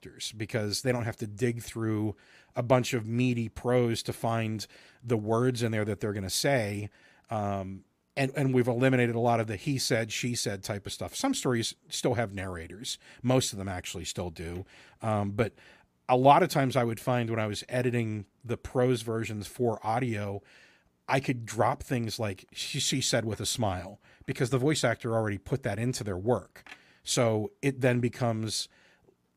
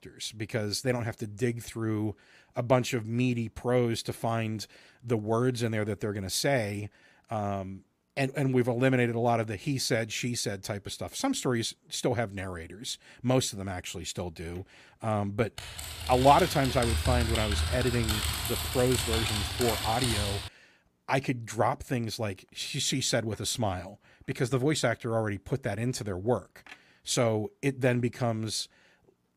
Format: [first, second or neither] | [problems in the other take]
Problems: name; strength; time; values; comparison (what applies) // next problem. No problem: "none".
first | keyboard typing; loud; from 16 to 20 s; peak 1 dB above the speech